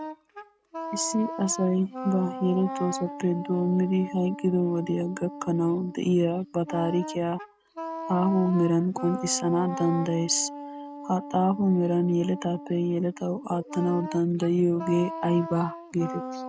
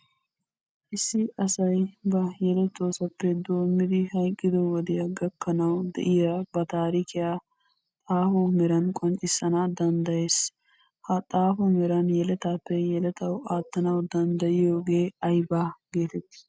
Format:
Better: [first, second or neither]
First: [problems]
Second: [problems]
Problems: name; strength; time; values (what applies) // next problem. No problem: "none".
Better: second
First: background sound (Wind instrument, woodwind instrument); 11 dB below the speech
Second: none